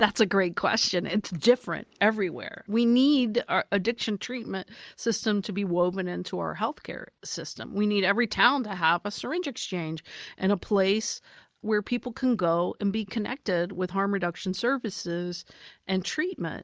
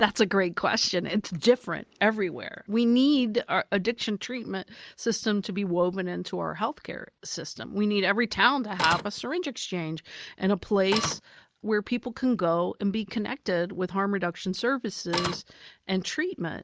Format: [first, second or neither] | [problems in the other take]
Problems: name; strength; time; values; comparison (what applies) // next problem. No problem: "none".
first | background sound (Printer); 2 dB below the speech